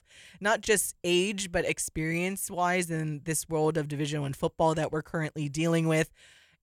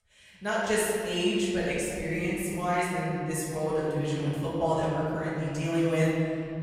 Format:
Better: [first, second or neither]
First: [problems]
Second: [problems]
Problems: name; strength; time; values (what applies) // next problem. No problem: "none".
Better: first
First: none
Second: room echo; strong; dies away in 2.9 s // off-mic speech; far